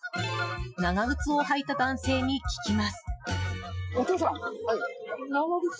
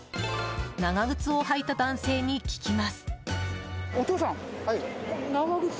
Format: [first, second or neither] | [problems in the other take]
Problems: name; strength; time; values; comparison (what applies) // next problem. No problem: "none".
second | noise reduction (classical method Wiener filter)